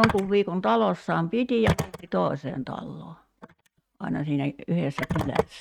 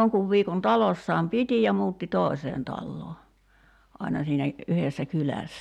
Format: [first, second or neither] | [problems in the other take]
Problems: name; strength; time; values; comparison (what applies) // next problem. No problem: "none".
second | noise reduction (neural mask model RNNoise)